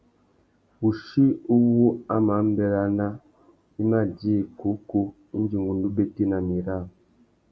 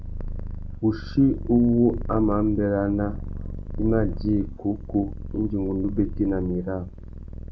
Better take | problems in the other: first | background sound (Purr); 7 dB below the speech

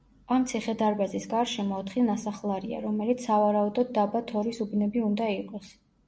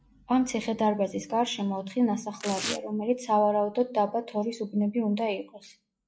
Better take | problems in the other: first | noise reduction (classical method log-MMSE)

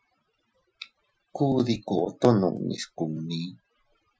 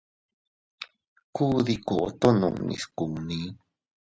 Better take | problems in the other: second | noise reduction (classical method Wiener filter)

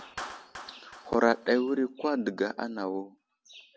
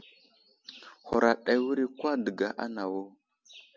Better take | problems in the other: second | background sound (Clapping); 18 dB below the speech

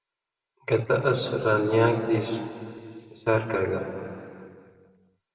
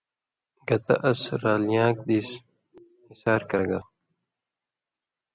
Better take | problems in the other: second | room echo; dies away in 2.4 s

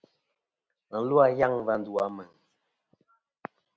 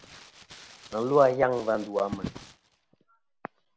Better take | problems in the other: first | background sound (Crumpling, crinkling); 16 dB below the speech

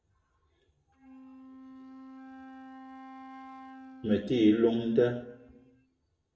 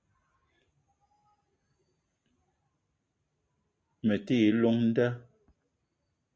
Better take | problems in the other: second | background sound (Wind instrument, woodwind instrument); 18 dB below the speech // room echo; dies away in 0.6 s

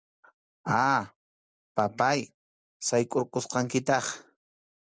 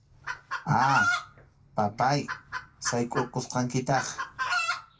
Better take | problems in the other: first | background sound (Chicken, rooster); 3 dB below the speech // room echo; dies away in 0.2 s

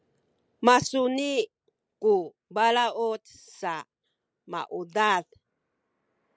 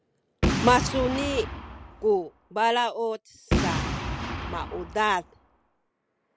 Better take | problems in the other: first | background sound (Boom); 2 dB below the speech

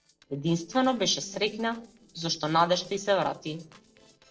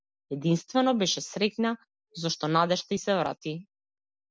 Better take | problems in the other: second | noise reduction (neural separator model SepFormer DNS4)

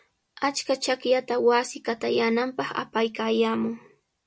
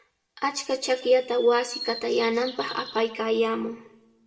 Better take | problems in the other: first | background sound (Bird vocalization, bird call, bird song); 14 dB below the speech // room echo; dies away in 0.7 s

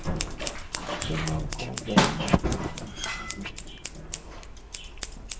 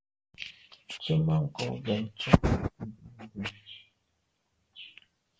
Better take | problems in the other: second | background sound (Scissors); 3 dB above the speech // room echo; dies away in 0.9 s

